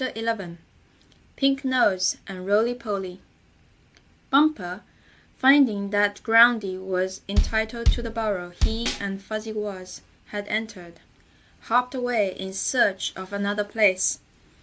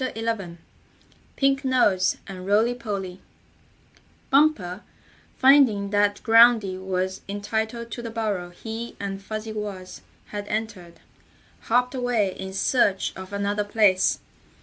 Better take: second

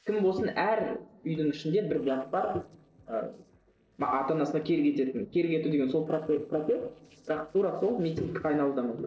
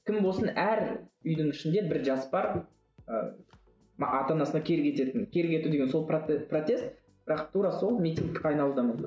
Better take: second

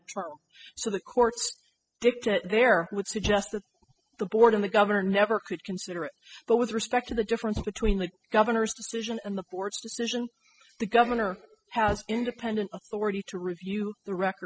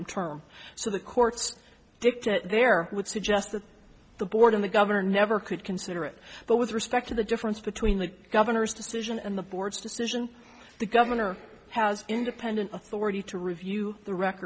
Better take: second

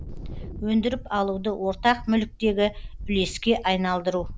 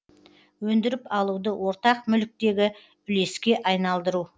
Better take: second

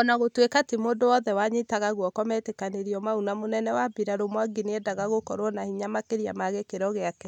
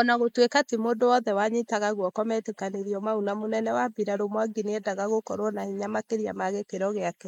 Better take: first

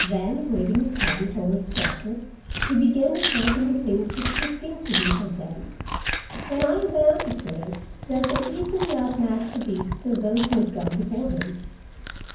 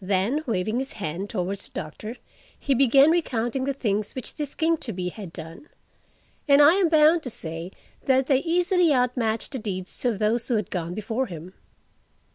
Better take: second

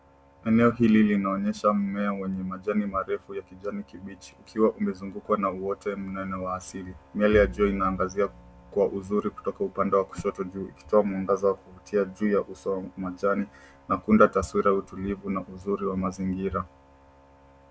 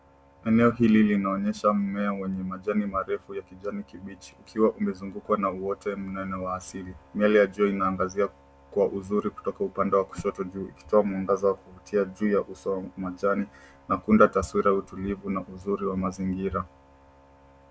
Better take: second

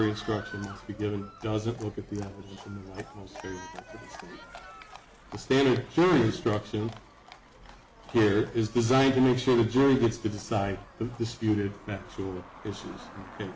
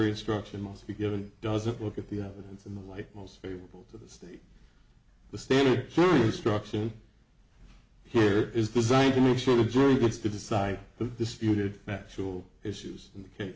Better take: second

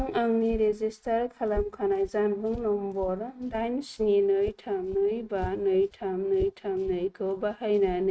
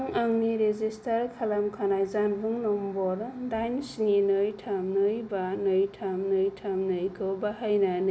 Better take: second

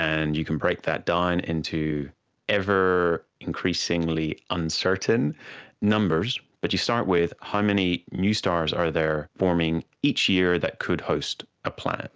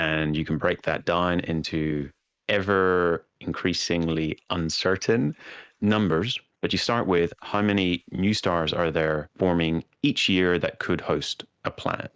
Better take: first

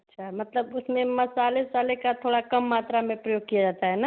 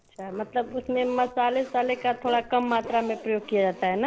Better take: first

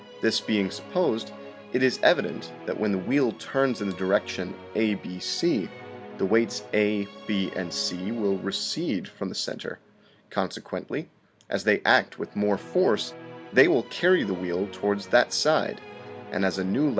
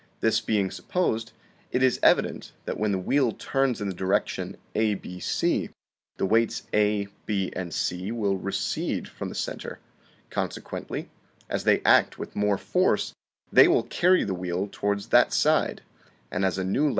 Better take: second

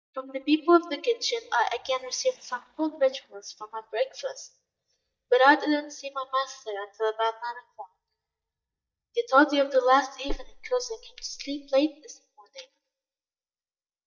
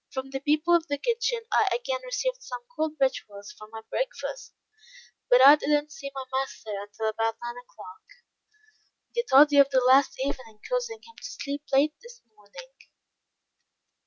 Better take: second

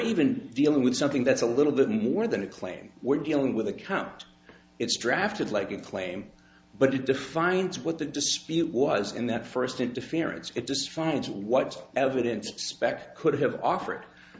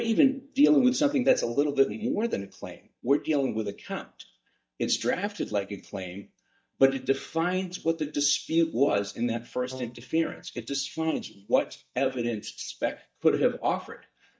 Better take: first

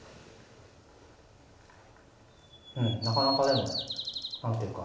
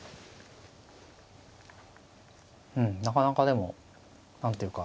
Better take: second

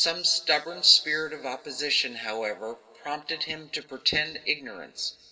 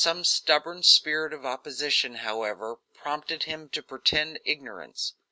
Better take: second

